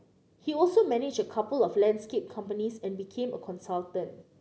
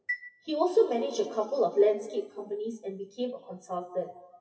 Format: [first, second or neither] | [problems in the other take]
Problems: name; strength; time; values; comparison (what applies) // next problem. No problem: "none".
first | noise reduction (classical method WPE with log-MMSE)